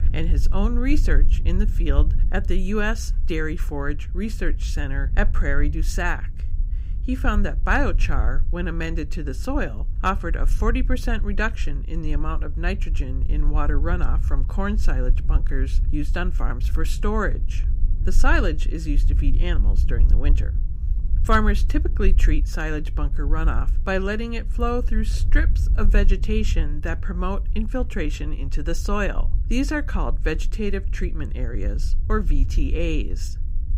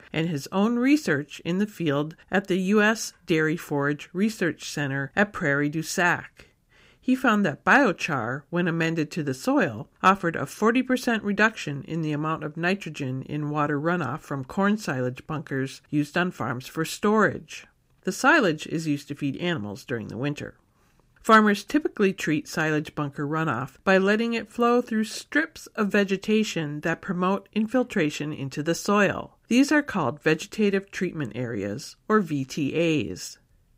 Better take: second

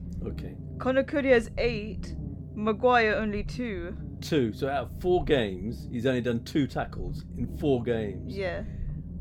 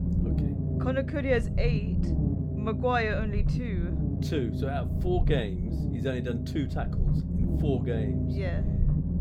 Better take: first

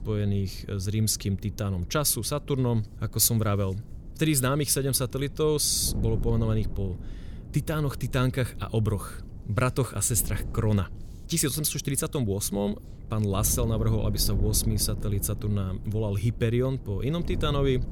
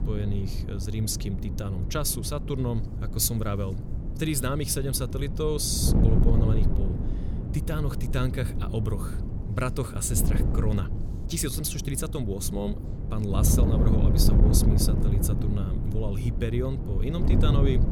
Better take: first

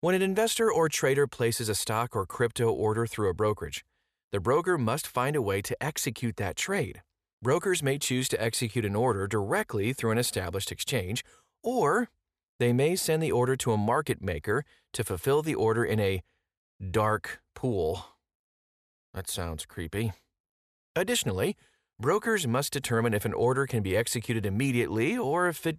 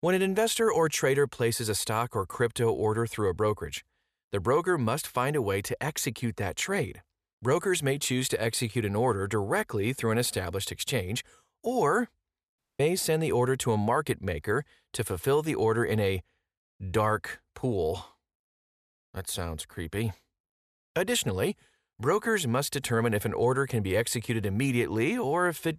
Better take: first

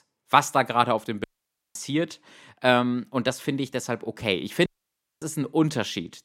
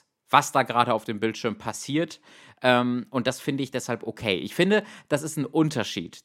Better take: second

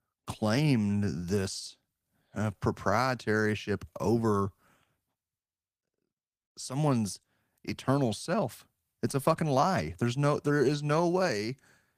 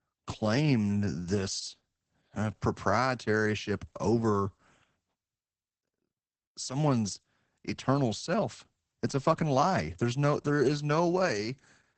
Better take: first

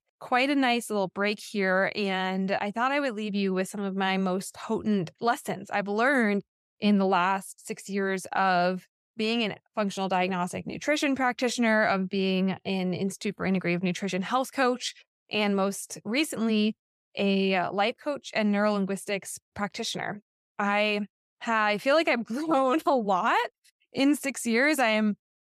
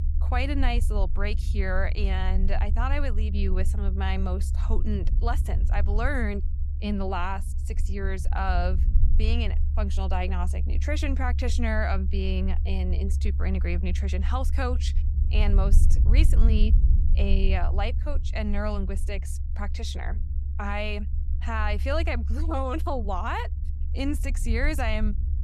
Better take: first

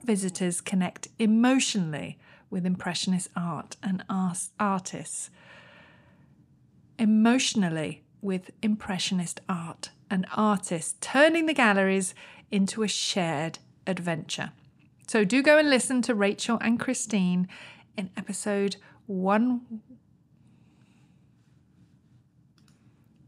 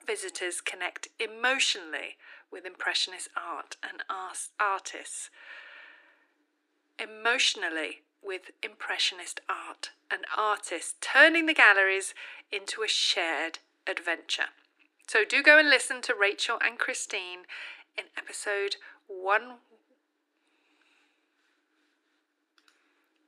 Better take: first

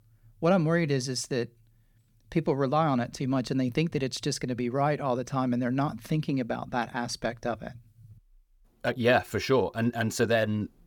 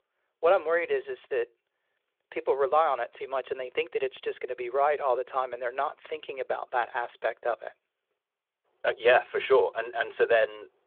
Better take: first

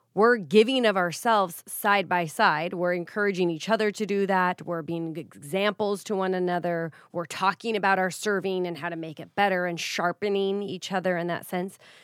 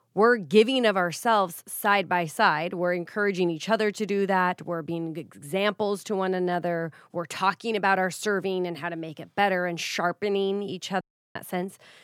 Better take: first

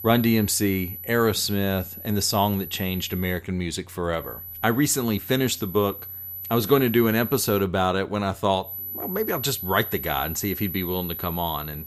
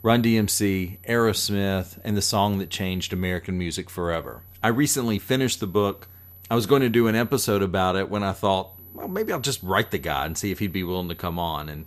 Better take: second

